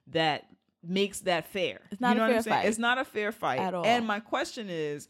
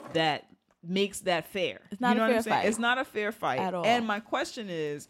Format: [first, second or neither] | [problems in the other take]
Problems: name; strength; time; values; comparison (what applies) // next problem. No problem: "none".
first | household noises; faint; throughout; 25 dB below the speech